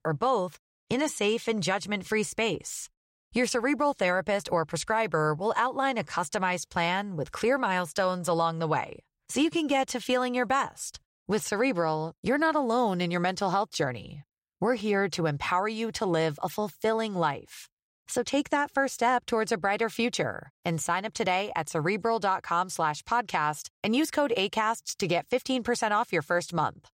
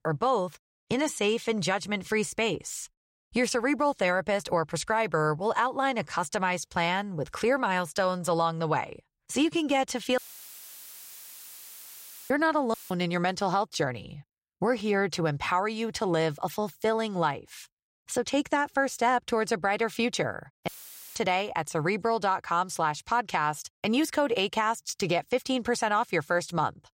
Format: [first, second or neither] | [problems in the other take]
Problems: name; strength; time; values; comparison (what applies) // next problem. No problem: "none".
first | audio cutting out; filled with static; at 10 s for 2 s, at 13 s and at 21 s